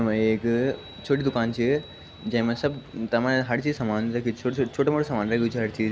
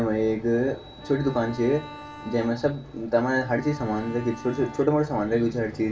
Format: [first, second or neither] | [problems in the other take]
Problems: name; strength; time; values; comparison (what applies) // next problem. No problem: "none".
first | background sound (Bowed string instrument); 17 dB below the speech // room echo; dies away in 0.2 s